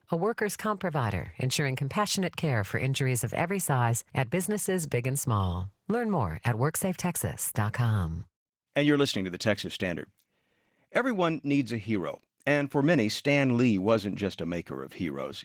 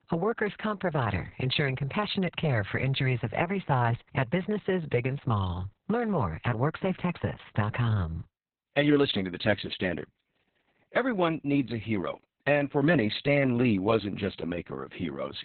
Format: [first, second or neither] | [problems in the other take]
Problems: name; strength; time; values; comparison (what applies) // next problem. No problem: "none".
first | garbled, watery; badly; nothing above 4 kHz; slightly in the first